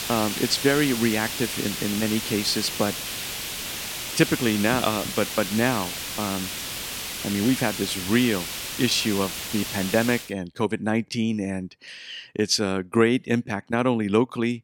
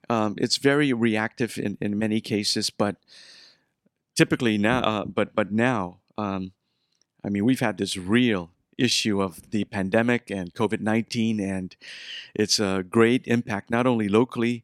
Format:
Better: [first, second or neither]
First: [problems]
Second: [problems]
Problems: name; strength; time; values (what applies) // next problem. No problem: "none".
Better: second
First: hiss; loud; until 10 s; 5 dB below the speech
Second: none